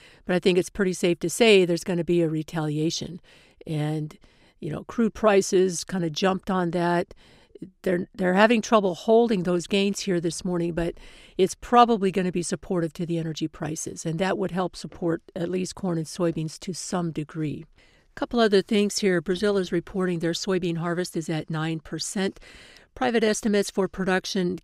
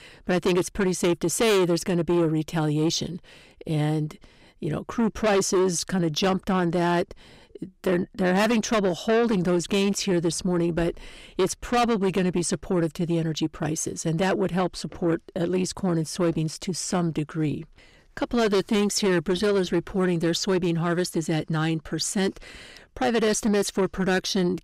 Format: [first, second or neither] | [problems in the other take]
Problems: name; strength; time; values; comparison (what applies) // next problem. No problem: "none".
first | distortion; heavy; 8 dB below the speech